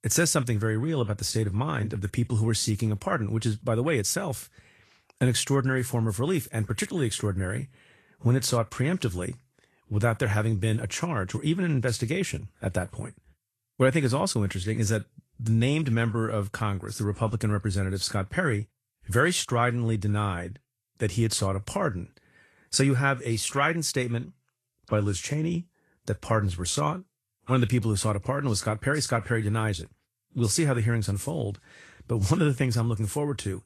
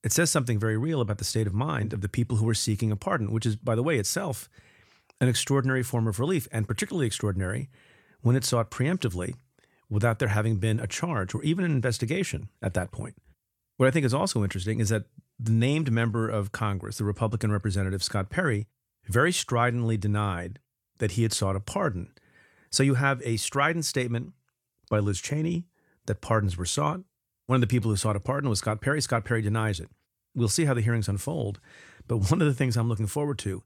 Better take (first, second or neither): second